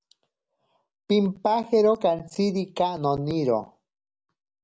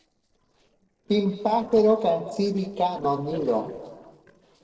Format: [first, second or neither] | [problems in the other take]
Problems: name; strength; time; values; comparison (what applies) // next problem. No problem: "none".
first | noise reduction (neural separator model SepFormer DNS4)